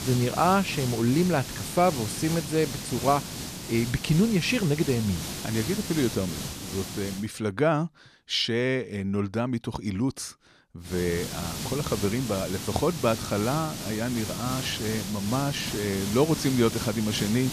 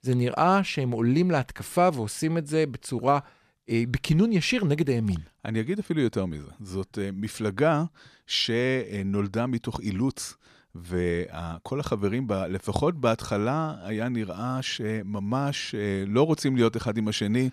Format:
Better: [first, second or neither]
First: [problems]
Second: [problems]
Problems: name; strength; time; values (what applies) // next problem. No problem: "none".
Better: second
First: hiss; loud; until 7 s and from 11 s on; 7 dB below the speech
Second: none